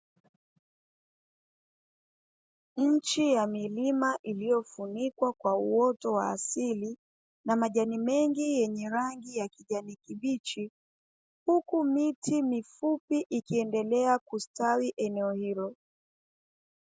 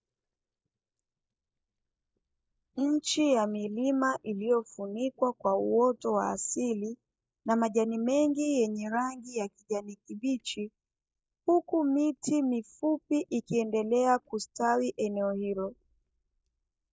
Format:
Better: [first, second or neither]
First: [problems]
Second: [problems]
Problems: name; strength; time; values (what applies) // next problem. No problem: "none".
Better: first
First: none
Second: noise reduction (neural mask model DeepFilterNet 3)